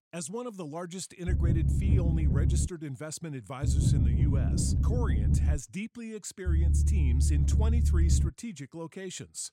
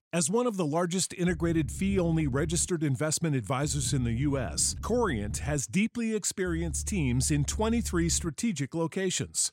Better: second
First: low rumble; loud; from 1.5 to 2.5 s, from 3.5 to 5.5 s and from 6.5 to 8.5 s; 1 dB below the speech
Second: low rumble; faint; from 1.5 to 2.5 s, from 3.5 to 5.5 s and from 6.5 to 8.5 s; 25 dB below the speech

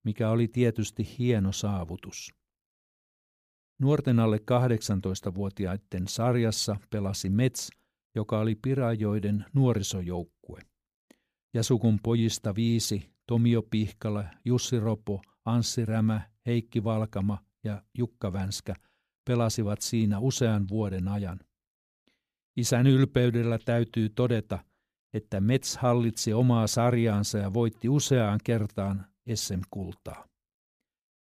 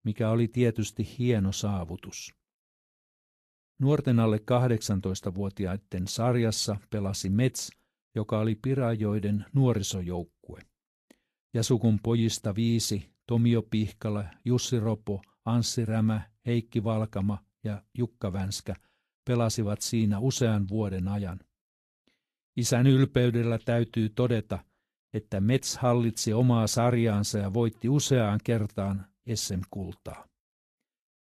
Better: first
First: none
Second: garbled, watery; slightly; nothing above 12.5 kHz

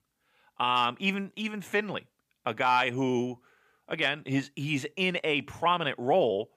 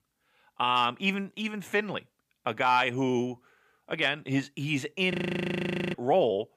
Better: first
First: none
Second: audio freezing; at 5 s for 1 s

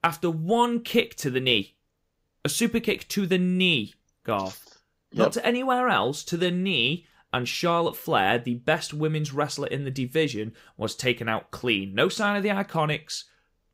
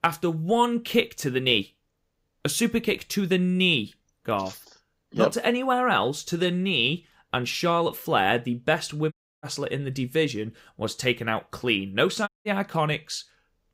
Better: first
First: none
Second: audio cutting out; at 9 s and at 12 s

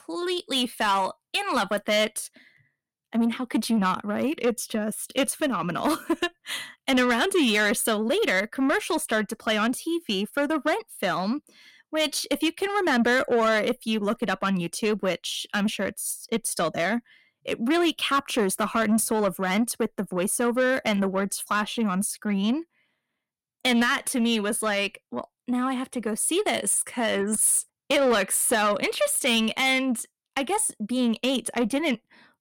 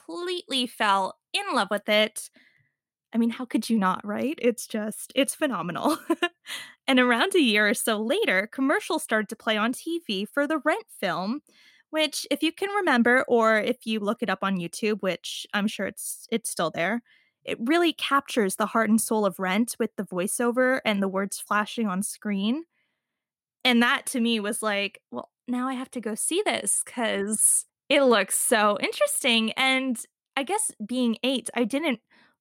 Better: second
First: distortion; slight; 10 dB below the speech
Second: none

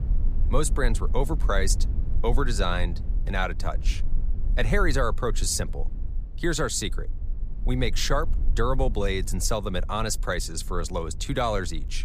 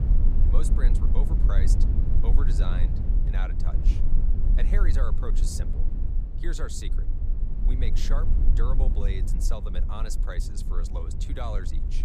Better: first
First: low rumble; faint; throughout; 20 dB below the speech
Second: low rumble; loud; throughout; 5 dB below the speech

